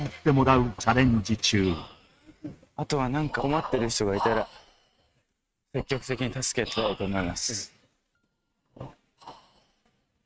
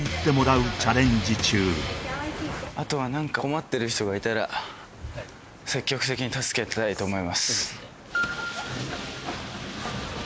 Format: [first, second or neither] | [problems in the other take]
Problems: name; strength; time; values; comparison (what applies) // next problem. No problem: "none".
second | noise reduction (neural mask model RNNoise)